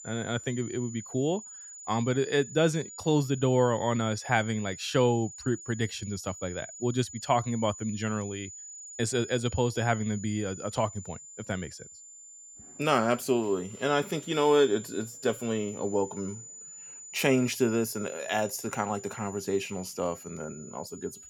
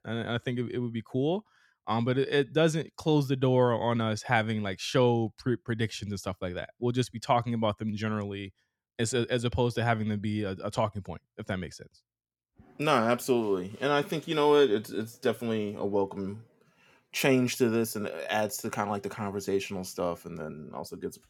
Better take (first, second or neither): second